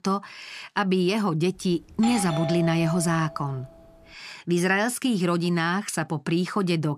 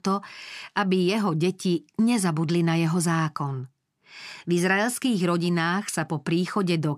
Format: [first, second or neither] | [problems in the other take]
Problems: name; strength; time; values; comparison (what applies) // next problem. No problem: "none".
second | doorbell; noticeable; from 1.5 to 3.5 s; peak 6 dB below the speech